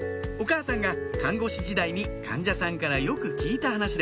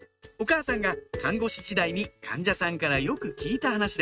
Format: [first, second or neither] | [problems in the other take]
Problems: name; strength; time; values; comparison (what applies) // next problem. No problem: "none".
first | noise reduction (neural mask model RNNoise)